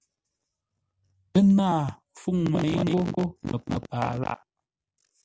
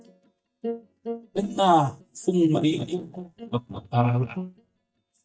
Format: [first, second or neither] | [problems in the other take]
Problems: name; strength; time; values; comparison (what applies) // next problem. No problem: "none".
first | noise reduction (neural mask model DeepFilterNet 3)